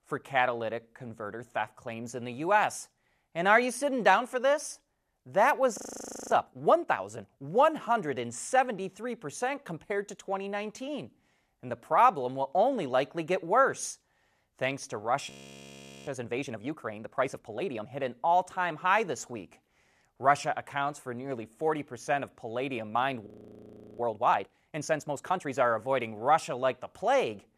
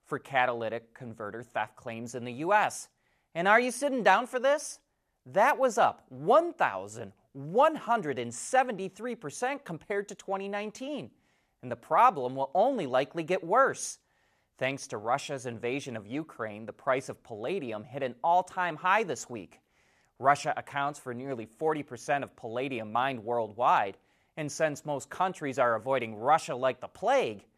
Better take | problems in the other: second | audio freezing; at 6 s for 0.5 s, at 15 s for 1 s and at 23 s for 0.5 s

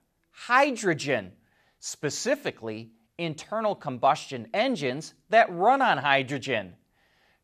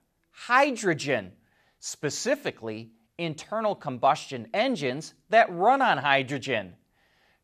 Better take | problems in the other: neither | none

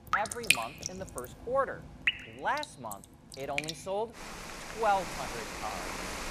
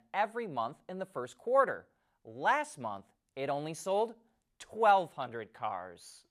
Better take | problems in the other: second | rain or running water; very loud; throughout; 1 dB above the speech

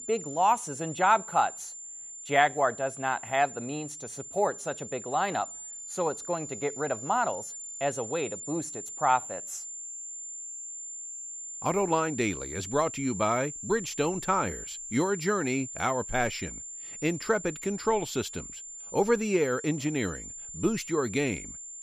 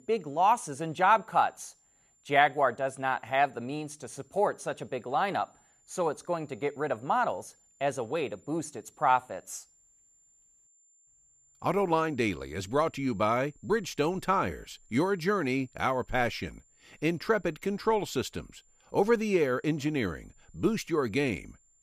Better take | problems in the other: second | high-pitched whine; loud; throughout; 7 kHz, 9 dB below the speech; faint in the second

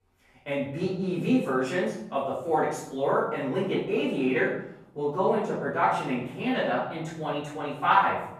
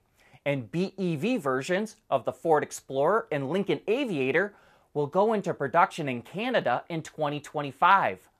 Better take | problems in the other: second | off-mic speech; far // room echo; noticeable; dies away in 0.7 s

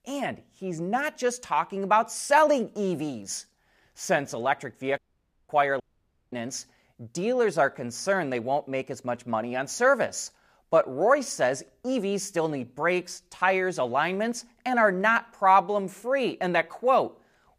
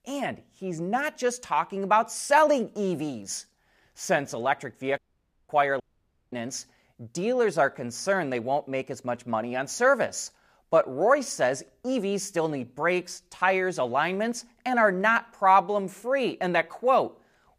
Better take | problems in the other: neither | audio cutting out; at 5 s for 0.5 s and at 6 s for 0.5 s; the same in both

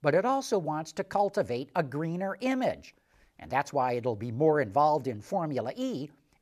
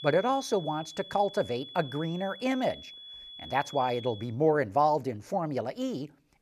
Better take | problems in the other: first | high-pitched whine; noticeable; until 4 s; 3.5 kHz, 15 dB below the speech

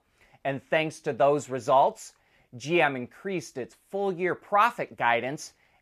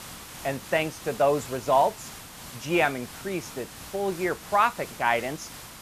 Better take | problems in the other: first | hiss; noticeable; throughout; 15 dB below the speech

